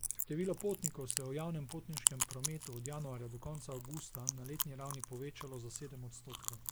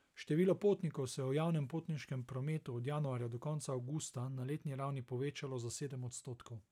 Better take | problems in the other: second | noise reduction (neural mask model Resemble Enhance denoiser)

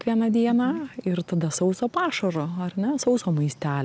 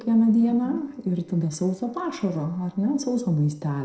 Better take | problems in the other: first | noise reduction (neural separator model SepFormer DNS4)

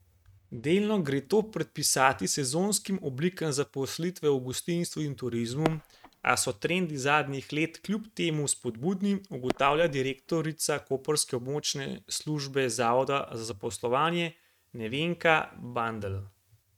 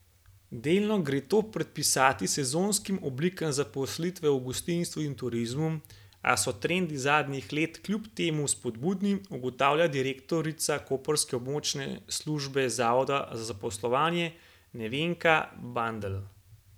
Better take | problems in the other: second | noise reduction (neural mask model RNNoise)

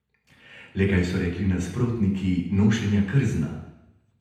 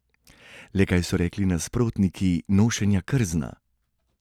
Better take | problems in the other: second | room echo; dies away in 0.8 s

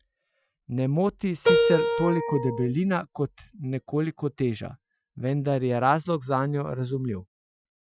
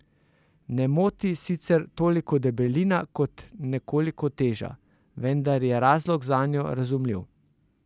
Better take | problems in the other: second | noise reduction (classical method Wiener filter)

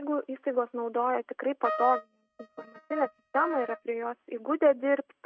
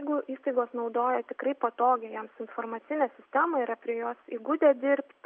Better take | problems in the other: second | noise reduction (neural mask model RNNoise)

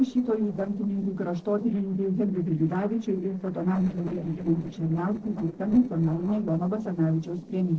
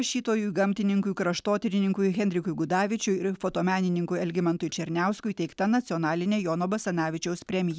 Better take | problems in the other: second | noise reduction (neural separator model SepFormer DNS4)

